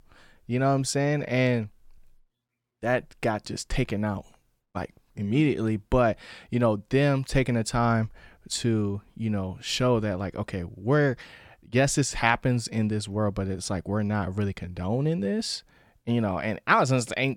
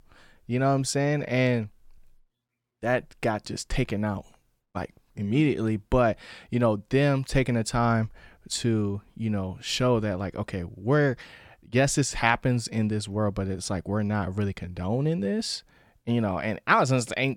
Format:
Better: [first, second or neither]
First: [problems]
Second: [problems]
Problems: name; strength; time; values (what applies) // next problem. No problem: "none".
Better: neither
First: none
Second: none